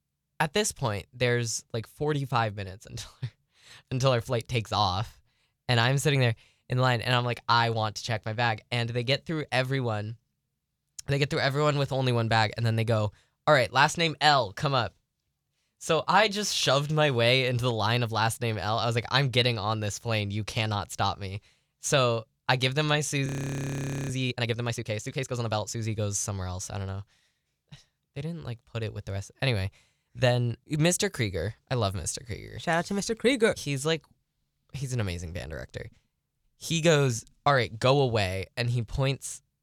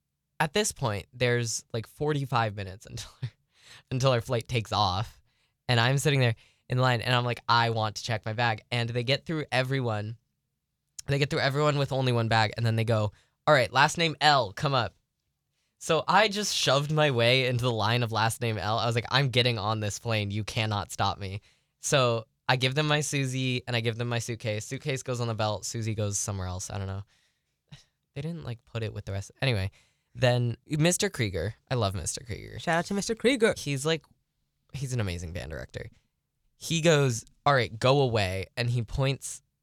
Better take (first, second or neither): second